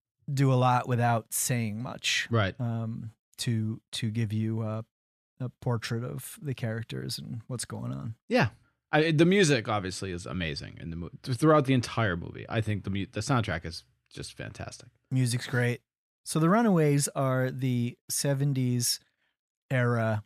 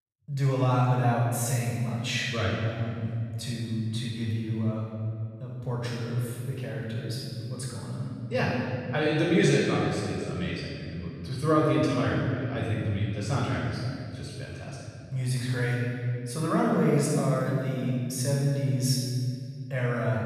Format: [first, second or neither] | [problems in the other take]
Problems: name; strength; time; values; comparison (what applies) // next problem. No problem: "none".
first | off-mic speech; far // room echo; strong; dies away in 2.4 s